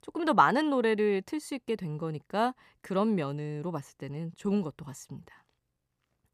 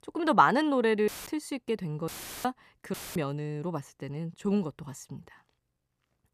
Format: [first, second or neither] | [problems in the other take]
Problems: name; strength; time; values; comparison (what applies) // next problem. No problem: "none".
first | audio cutting out; filled with static; at 1 s, at 2 s and at 3 s